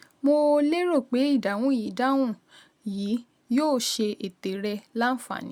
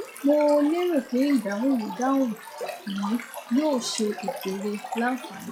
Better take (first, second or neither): first